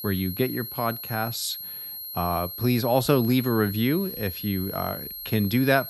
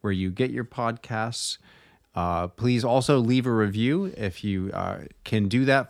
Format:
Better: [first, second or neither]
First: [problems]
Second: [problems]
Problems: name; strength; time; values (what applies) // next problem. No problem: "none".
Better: second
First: high-pitched whine; loud; throughout; 11.5 kHz, 8 dB below the speech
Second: none